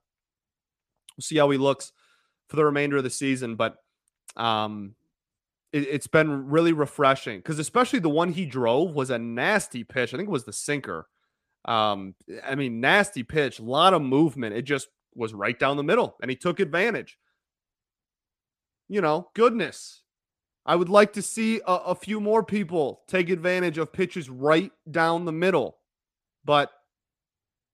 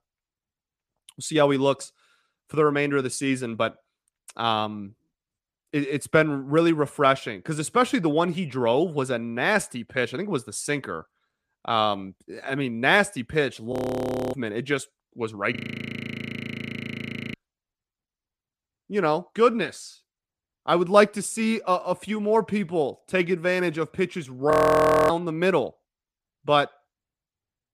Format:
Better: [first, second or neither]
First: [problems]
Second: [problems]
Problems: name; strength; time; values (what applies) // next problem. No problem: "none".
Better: first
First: none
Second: audio freezing; at 14 s for 0.5 s, at 16 s for 2 s and at 25 s for 0.5 s